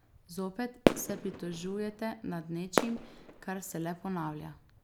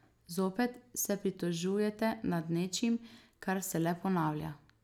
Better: second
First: background sound (Fireworks); 2 dB above the speech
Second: none

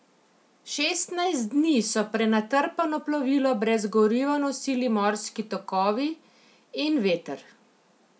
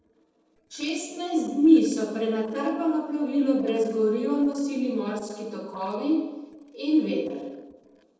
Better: first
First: none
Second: noise reduction (neural separator model SepFormer DNS4)

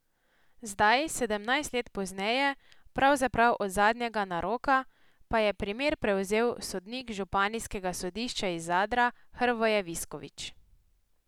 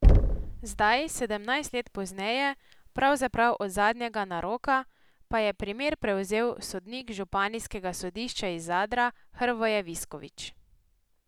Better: first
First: none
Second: background sound (Knock); 3 dB above the speech

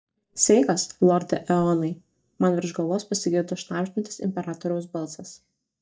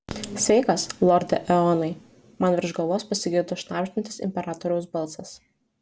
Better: second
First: noise reduction (neural mask model DeepFilterNet 3)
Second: none

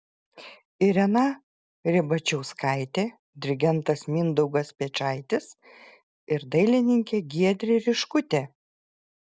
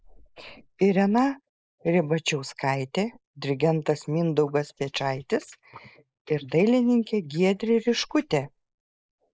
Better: first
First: none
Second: noise reduction (neural mask model Resemble Enhance denoiser)

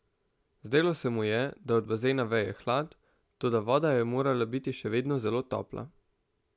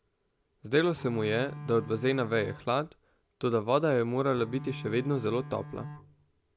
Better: first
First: none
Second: background sound (Bowed string instrument); 13 dB below the speech

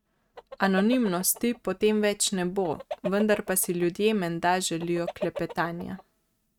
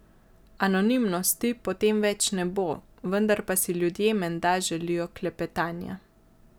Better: second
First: noise reduction (neural mask model RNNoise)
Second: none

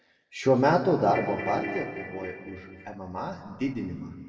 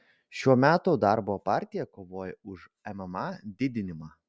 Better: second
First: background sound (Ringtone / Keyboard (musical)); 9 dB below the speech // room echo; dies away in 1.9 s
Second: none

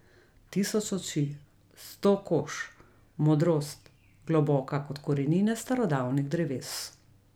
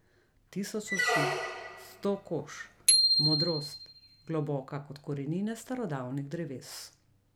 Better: first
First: none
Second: background sound (Squeak + Bicycle bell); 5 dB above the speech

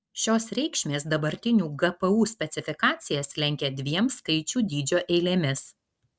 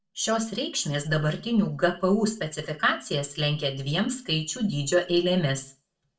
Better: first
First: none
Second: room echo; dies away in 0.3 s

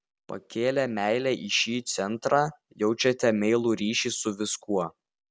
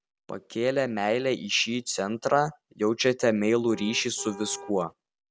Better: first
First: none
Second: background sound (Car); 18 dB below the speech

